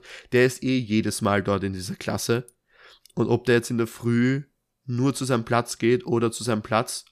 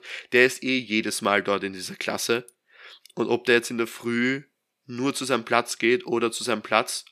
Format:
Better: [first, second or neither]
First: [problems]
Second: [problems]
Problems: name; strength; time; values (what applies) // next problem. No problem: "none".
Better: first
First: none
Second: thin; very slightly; fading below 300 Hz